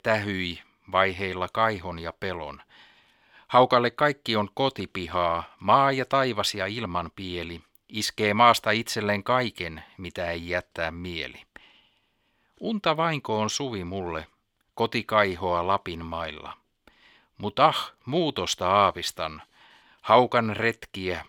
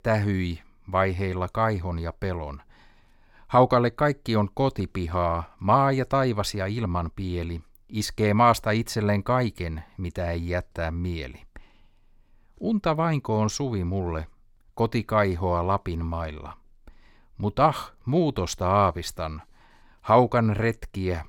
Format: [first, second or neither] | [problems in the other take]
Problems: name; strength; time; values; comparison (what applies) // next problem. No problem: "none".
second | thin; very slightly; fading below 650 Hz